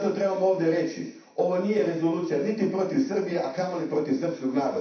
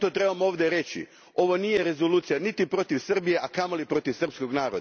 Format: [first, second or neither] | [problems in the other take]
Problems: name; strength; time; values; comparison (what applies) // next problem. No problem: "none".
second | room echo; dies away in 0.7 s